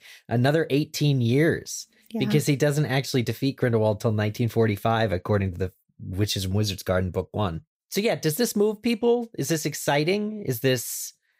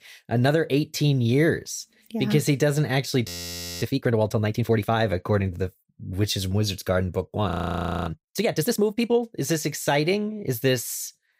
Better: first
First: none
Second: audio freezing; at 3.5 s for 0.5 s and at 7.5 s for 0.5 s

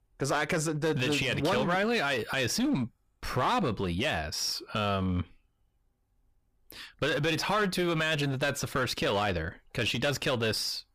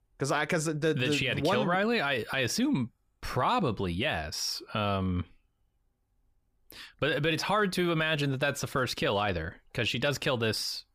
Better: second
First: distortion; slight; 9% of the sound clipped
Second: none

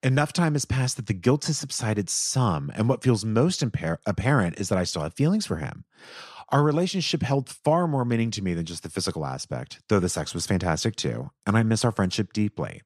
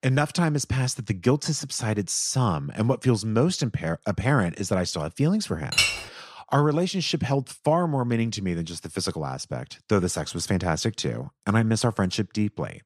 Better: first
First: none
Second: clattering dishes; loud; at 5.5 s; peak 4 dB above the speech

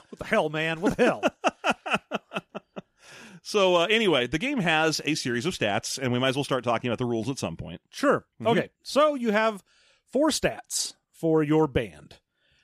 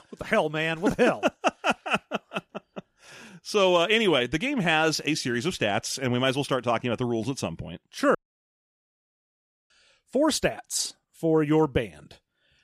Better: first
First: none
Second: audio cutting out; at 8 s for 1.5 s

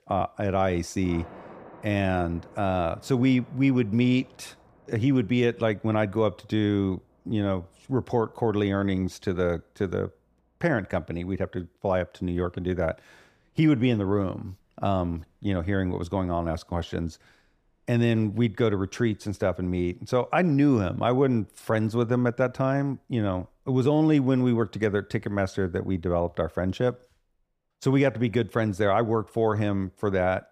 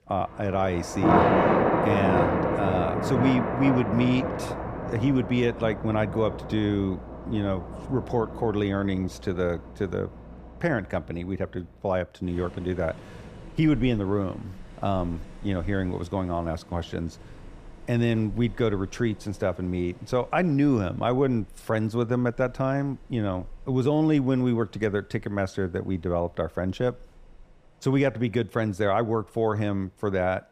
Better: first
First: rain or running water; faint; throughout; 25 dB below the speech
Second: rain or running water; loud; throughout; 1 dB below the speech

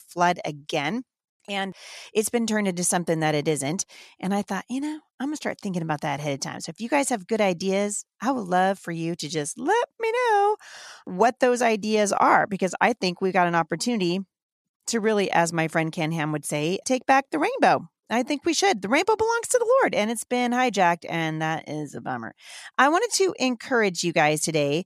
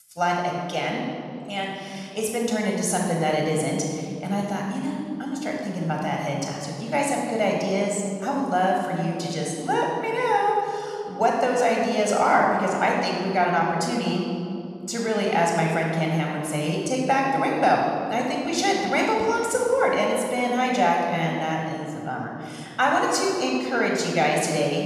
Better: first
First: none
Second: off-mic speech; somewhat distant // room echo; noticeable; dies away in 2.3 s

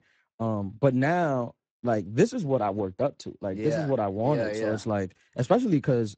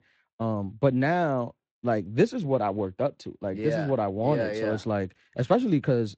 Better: second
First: garbled, watery; badly; nothing above 8 kHz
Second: garbled, watery; slightly; nothing above 8 kHz

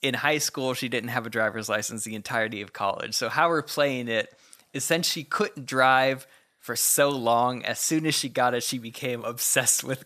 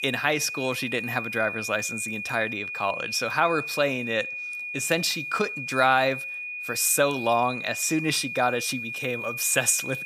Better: first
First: none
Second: high-pitched whine; loud; throughout; 2.5 kHz, 6 dB below the speech

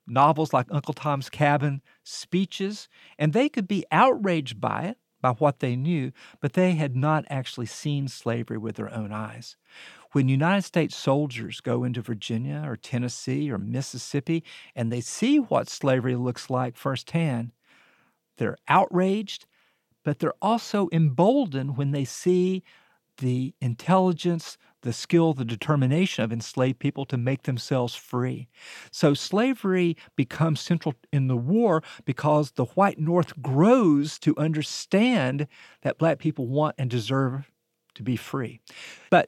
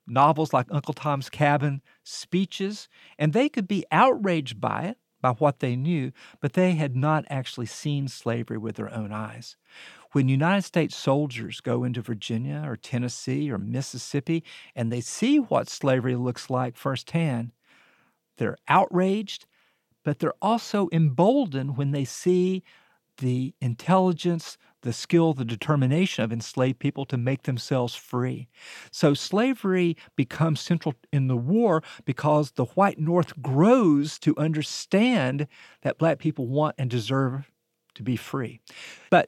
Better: neither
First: none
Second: none

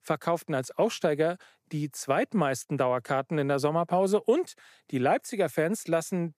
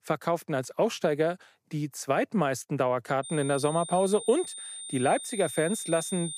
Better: first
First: none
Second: high-pitched whine; loud; from 3 s on; 9 kHz, 9 dB below the speech

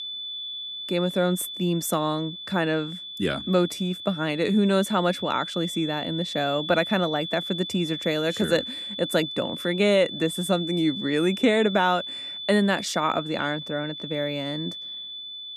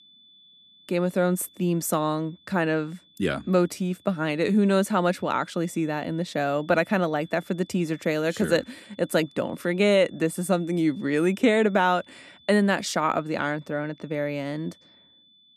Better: second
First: high-pitched whine; loud; throughout; 3.5 kHz, 8 dB below the speech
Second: high-pitched whine; faint; throughout; 3.5 kHz, 30 dB below the speech

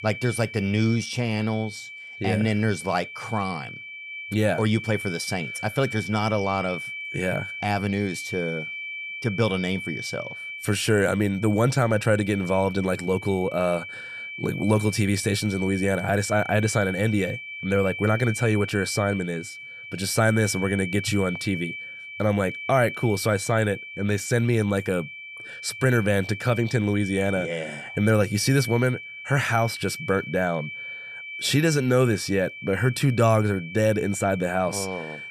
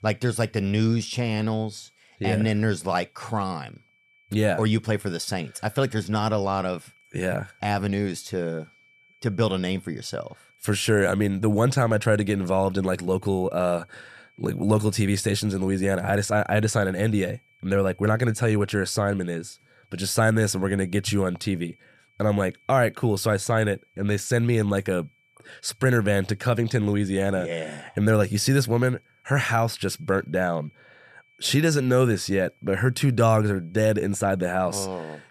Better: second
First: high-pitched whine; loud; throughout; 2.5 kHz, 10 dB below the speech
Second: high-pitched whine; faint; throughout; 2.5 kHz, 35 dB below the speech

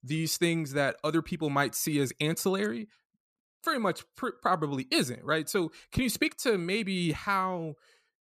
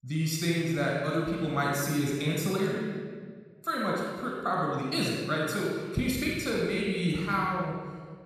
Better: first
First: none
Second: off-mic speech; far // room echo; strong; dies away in 1.5 s

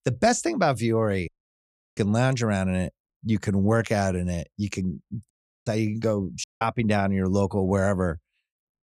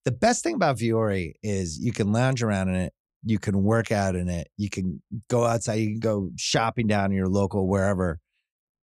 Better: second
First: audio cutting out; at 1.5 s for 0.5 s, at 5.5 s and at 6.5 s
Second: none

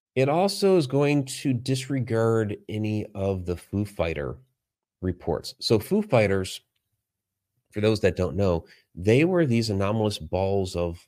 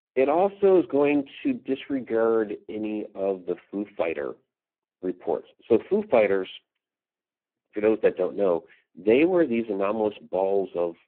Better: first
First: none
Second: phone-call audio; poor line

